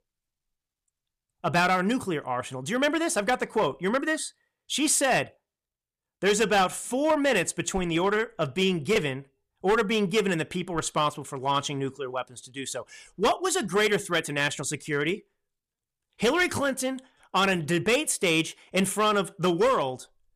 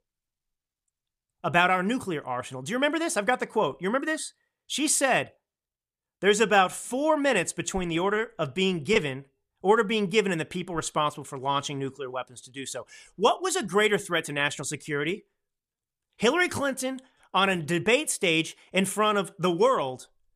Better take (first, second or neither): second